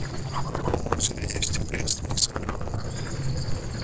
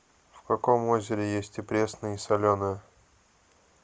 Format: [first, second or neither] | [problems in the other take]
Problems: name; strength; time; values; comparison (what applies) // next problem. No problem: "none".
second | noise reduction (neural separator model SepFormer DNS4)